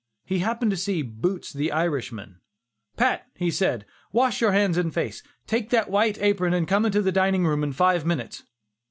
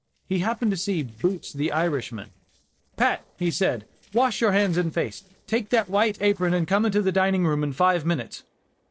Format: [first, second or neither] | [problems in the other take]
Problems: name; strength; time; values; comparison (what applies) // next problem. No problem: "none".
first | noise reduction (neural separator model SepFormer DNS4)